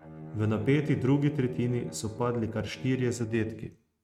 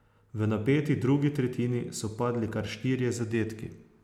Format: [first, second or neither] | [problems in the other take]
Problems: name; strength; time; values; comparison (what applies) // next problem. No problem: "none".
second | noise reduction (neural mask model RNNoise)